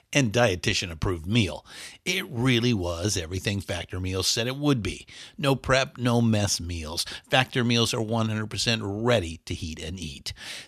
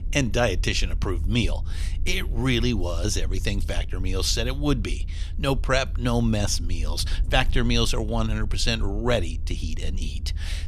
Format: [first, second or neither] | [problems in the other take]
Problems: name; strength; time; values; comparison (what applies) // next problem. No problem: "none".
first | low rumble; faint; throughout; 25 dB below the speech